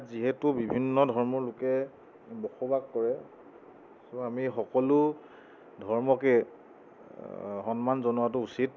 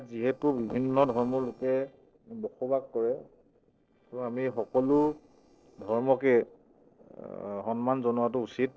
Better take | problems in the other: first | noise reduction (neural separator model SepFormer DNS4)

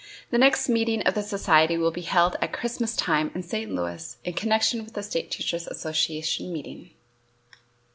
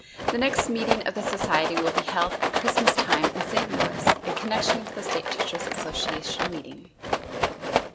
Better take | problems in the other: first | background sound (Rattle); 4 dB above the speech

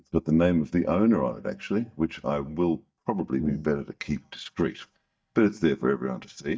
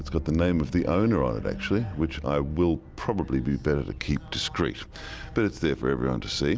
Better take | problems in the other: second | noise reduction (neural mask model DeepFilterNet 3)

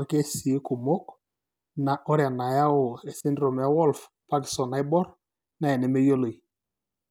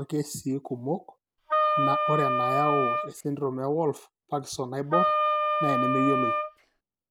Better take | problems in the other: first | background sound (Wind instrument, woodwind instrument); 4 dB above the speech

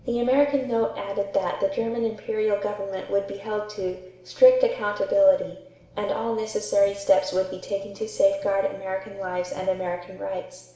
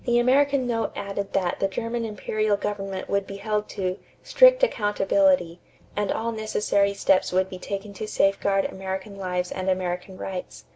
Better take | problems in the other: second | room echo; dies away in 0.8 s

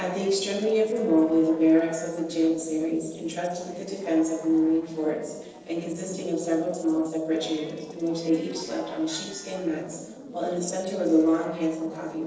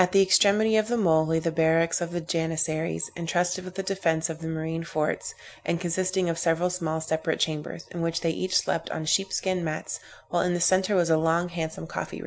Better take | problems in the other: second | noise reduction (neural separator model SepFormer DNS4)

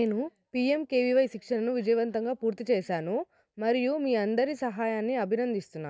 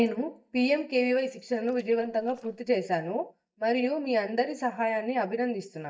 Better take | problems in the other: first | noise reduction (neural mask model DeepFilterNet 3)

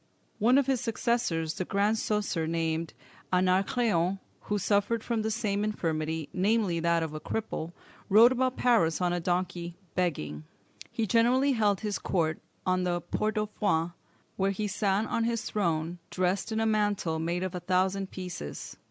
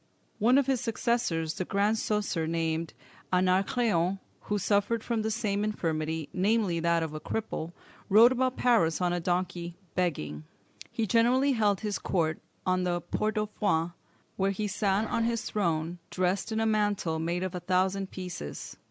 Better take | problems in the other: first | background sound (Growling); 17 dB below the speech

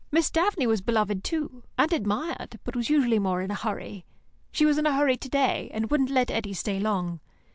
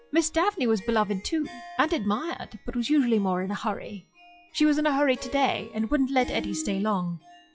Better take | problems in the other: first | noise reduction (classical method log-MMSE)

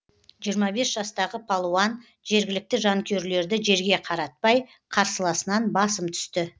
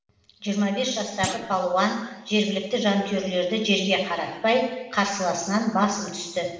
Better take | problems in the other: first | background sound (Thump, thud); 13 dB below the speech // room echo; dies away in 1 s

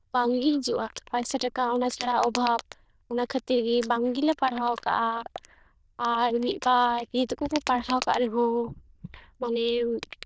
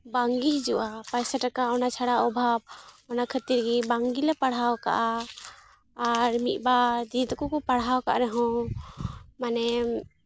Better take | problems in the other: second | noise reduction (neural diffusion model UNIVERSE++)

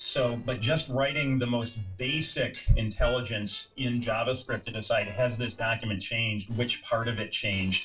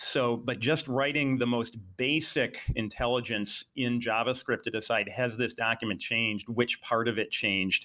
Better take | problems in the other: second | noise reduction (neural separator model SepFormer DNS4)

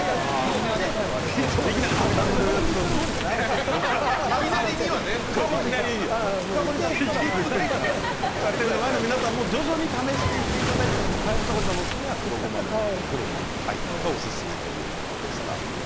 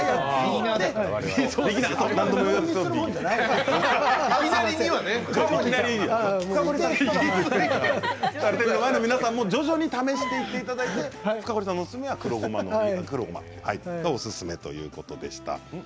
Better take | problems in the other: second | background sound (Waves, surf); 1 dB below the speech

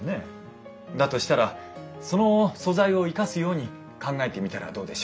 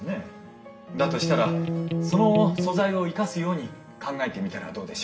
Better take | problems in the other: first | background sound (Electric guitar); as loud as the speech // room echo; dies away in 2.6 s

